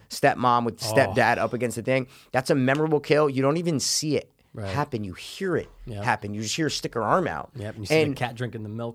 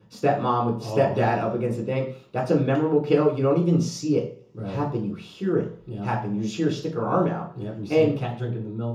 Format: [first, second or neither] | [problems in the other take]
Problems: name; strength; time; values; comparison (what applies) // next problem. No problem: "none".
first | room echo; noticeable; dies away in 0.8 s // off-mic speech; far